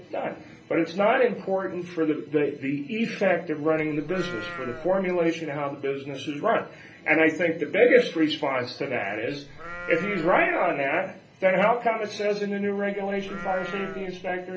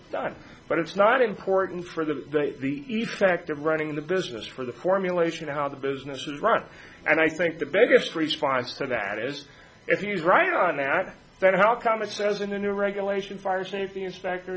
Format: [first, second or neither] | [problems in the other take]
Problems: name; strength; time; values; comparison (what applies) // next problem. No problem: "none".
second | background sound (Livestock, farm animals, working animals); 13 dB below the speech // room echo; dies away in 0.3 s